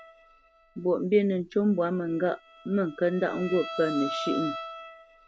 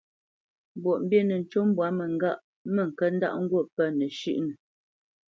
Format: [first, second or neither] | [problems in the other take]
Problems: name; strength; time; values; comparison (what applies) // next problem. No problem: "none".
second | background sound (Bowed string instrument); 12 dB below the speech